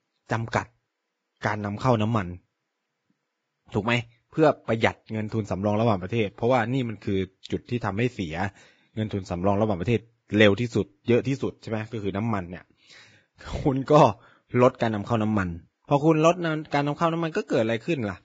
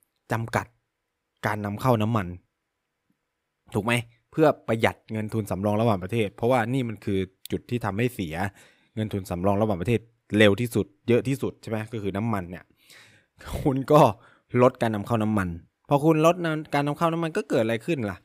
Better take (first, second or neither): second